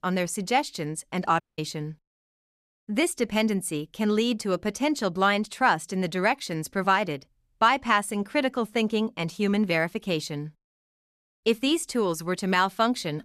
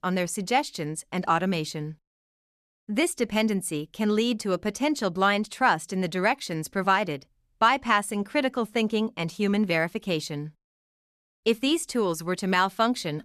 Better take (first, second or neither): second